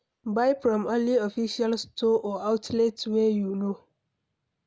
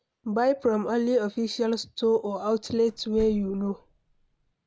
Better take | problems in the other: first | background sound (Slam); 19 dB below the speech

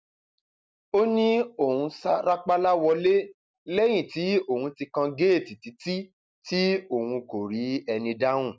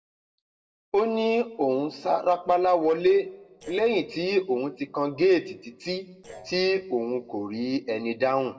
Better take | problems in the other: first | noise reduction (neural separator model SepFormer DNS4)

